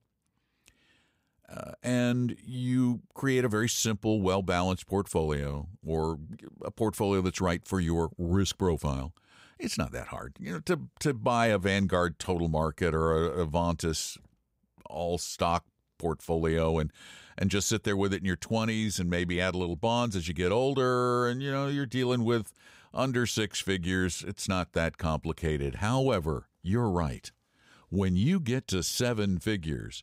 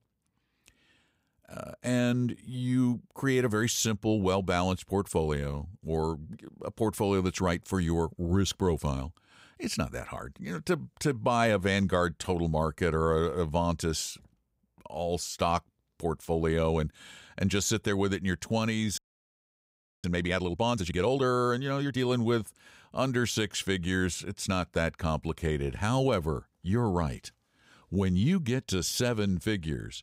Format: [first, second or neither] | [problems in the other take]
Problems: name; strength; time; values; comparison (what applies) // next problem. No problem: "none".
first | audio freezing; at 19 s for 1 s